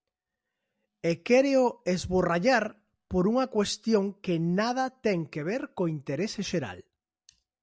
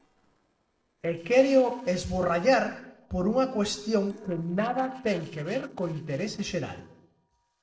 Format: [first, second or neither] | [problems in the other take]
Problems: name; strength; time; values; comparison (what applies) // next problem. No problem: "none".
first | noise reduction (neural separator model SepFormer DNS4)